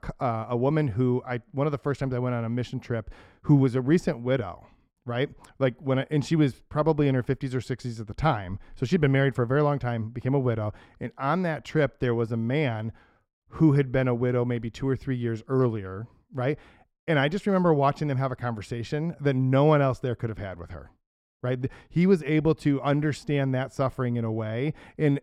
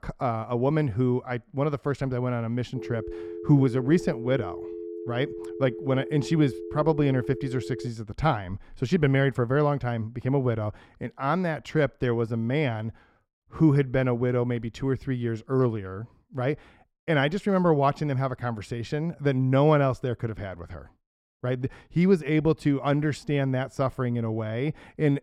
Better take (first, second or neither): first